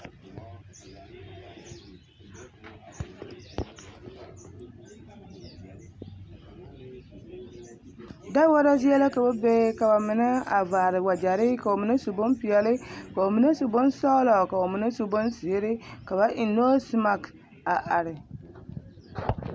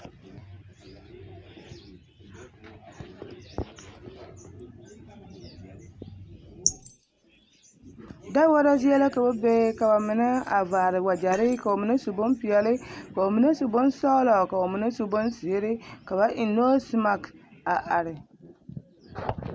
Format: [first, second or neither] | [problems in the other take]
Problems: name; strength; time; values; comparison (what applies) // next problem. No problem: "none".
first | noise reduction (neural mask model Resemble Enhance denoiser)